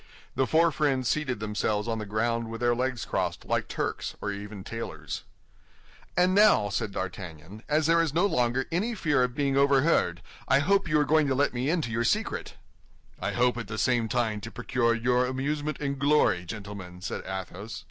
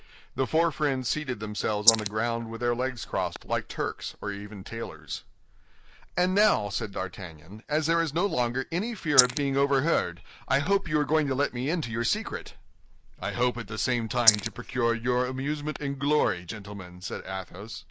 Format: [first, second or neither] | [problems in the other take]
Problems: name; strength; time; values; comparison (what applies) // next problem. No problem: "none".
first | noise reduction (neural mask model Resemble Enhance denoiser)